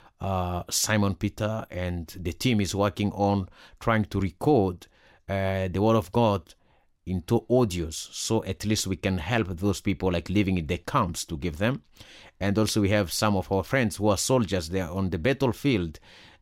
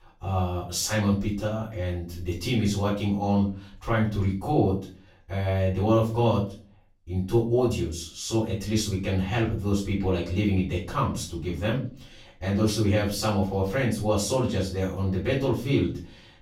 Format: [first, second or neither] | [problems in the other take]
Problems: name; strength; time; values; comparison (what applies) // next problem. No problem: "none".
first | room echo; slight; dies away in 0.4 s // off-mic speech; far